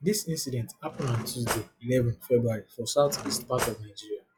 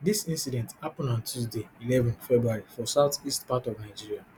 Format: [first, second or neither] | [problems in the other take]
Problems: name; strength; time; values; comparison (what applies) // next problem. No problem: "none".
second | noise reduction (classical method log-MMSE)